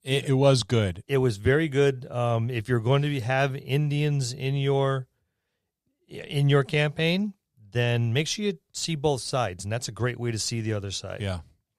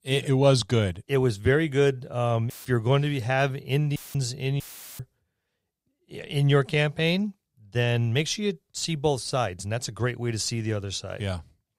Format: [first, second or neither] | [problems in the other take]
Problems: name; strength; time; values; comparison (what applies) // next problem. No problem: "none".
first | audio cutting out; filled with static; at 2.5 s, at 4 s and at 4.5 s